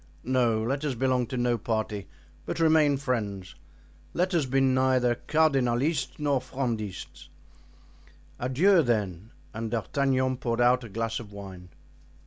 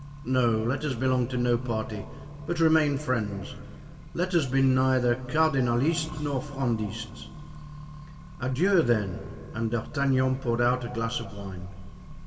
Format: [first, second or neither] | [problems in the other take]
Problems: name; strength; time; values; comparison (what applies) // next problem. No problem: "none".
first | background sound (Accelerating, revving, vroom); 14 dB below the speech // room echo; dies away in 1.8 s